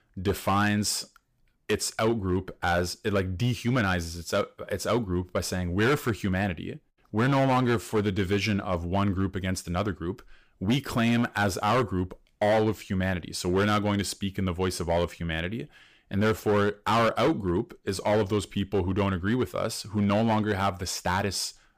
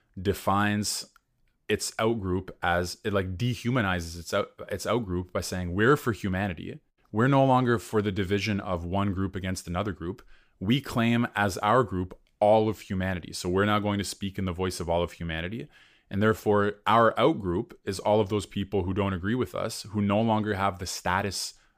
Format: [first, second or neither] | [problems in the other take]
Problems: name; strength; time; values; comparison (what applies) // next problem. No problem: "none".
second | distortion; slight; 7% of the sound clipped